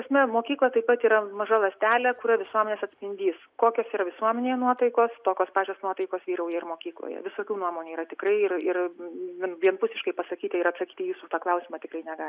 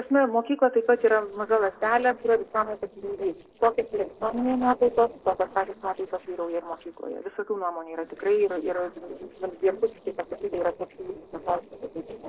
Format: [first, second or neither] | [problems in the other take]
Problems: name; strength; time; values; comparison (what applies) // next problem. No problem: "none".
first | noise reduction (neural separator model SepFormer DNS4)